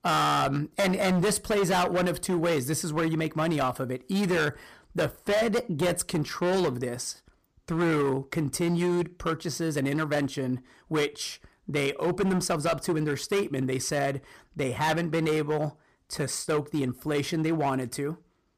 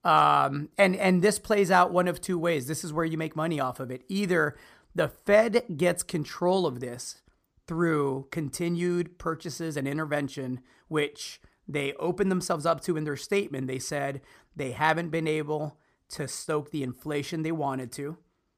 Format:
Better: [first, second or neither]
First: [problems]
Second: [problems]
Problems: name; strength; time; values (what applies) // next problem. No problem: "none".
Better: second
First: distortion; heavy; 14% of the sound clipped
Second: none